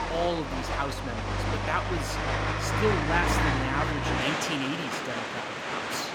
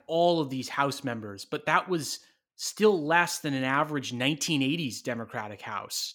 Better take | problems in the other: second | rain or running water; very loud; throughout; 3 dB above the speech

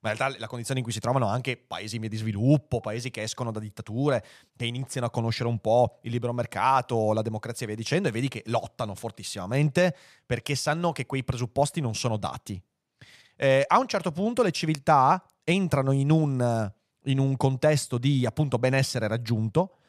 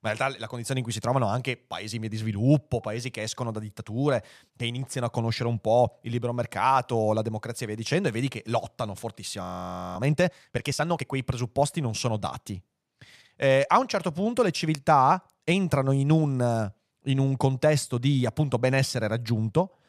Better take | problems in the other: first | audio freezing; at 9.5 s for 0.5 s

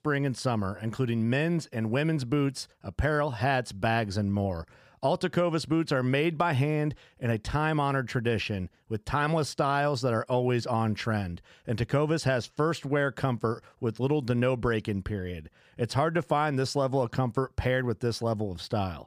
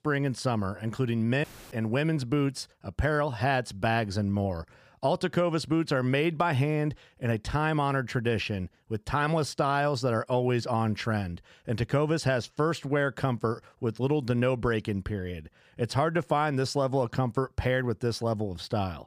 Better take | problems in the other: first | audio cutting out; filled with static; at 1.5 s

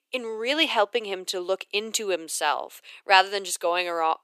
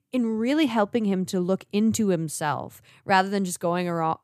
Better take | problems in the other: second | thin; very; fading below 400 Hz

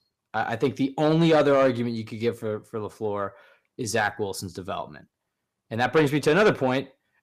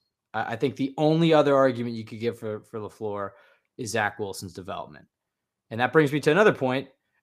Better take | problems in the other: second | distortion; slight; 10 dB below the speech

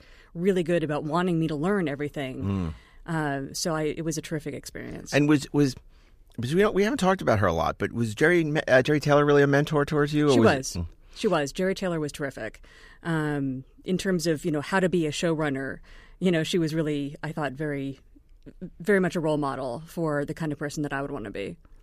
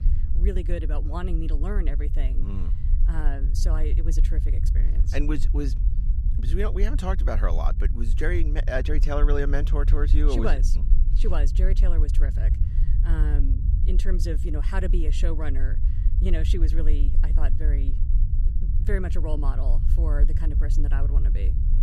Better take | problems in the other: first | low rumble; noticeable; throughout; 10 dB below the speech

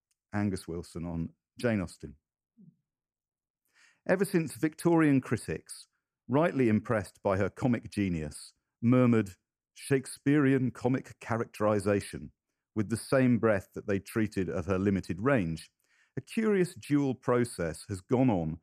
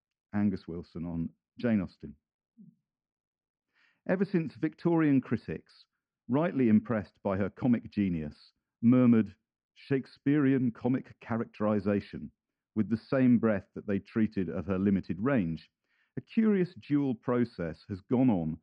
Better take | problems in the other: first | muffled; very slightly; fading above 4 kHz

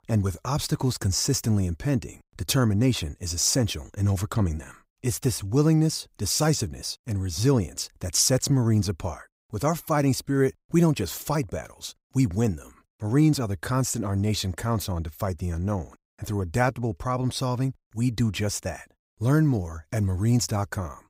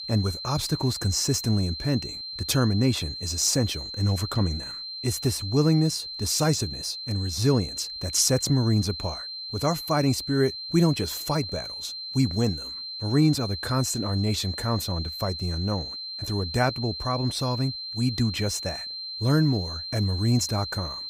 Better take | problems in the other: first | high-pitched whine; loud; throughout; 4 kHz, 7 dB below the speech

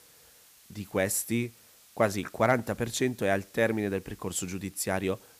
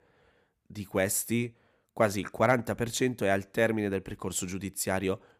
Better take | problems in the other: second | hiss; faint; throughout; 25 dB below the speech

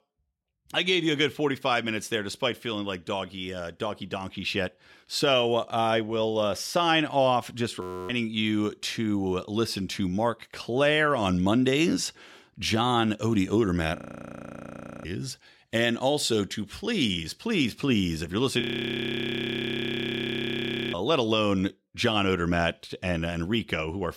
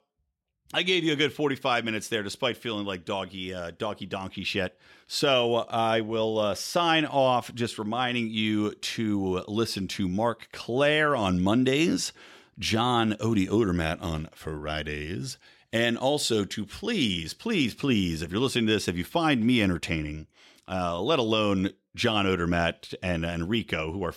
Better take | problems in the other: second | audio freezing; at 8 s, at 14 s for 1 s and at 19 s for 2.5 s

